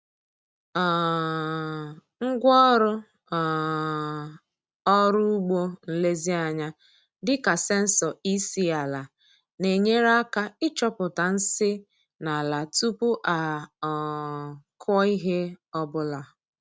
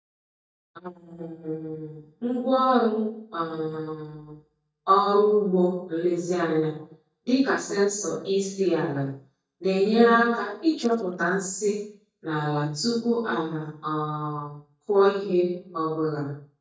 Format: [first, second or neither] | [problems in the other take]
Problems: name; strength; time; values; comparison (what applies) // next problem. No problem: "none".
first | noise reduction (neural mask model DeepFilterNet 3)